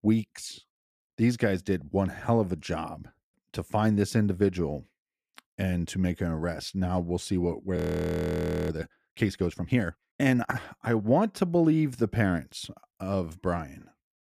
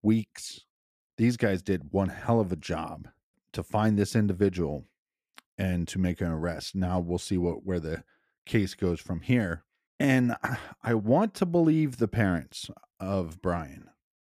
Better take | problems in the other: second | audio freezing; at 8 s for 1 s

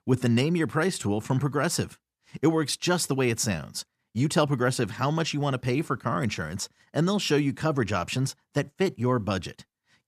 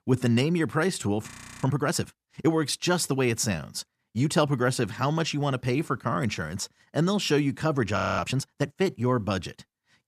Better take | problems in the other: first | audio freezing; at 1.5 s and at 8 s

